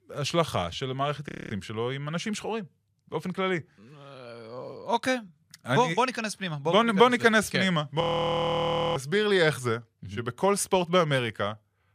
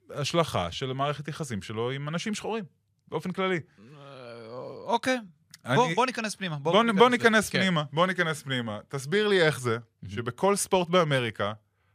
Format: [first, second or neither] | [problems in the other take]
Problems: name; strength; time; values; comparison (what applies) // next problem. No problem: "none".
second | audio freezing; at 1.5 s and at 8 s for 1 s